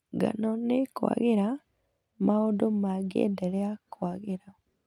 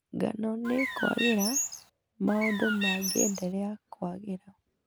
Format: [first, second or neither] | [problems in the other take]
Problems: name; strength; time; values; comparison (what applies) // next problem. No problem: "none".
first | background sound (Bird); 2 dB below the speech